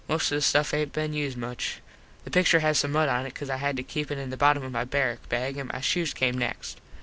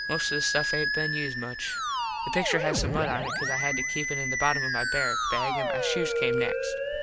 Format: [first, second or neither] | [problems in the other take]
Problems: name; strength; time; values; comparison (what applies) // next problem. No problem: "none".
first | background sound (Musical instrument); 2 dB above the speech